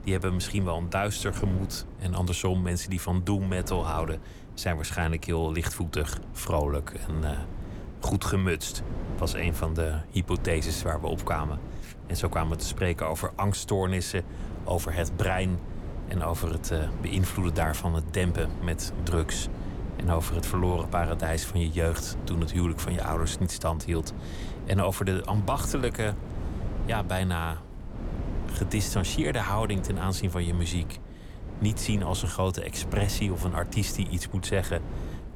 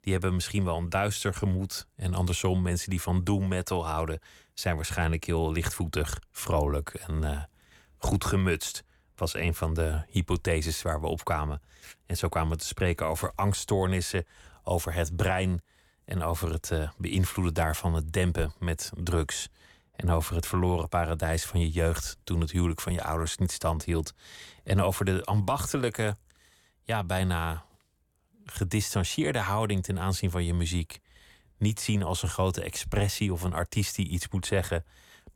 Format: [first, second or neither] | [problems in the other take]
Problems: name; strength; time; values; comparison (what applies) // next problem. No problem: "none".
second | wind noise on the microphone; occasional gusts; 15 dB below the speech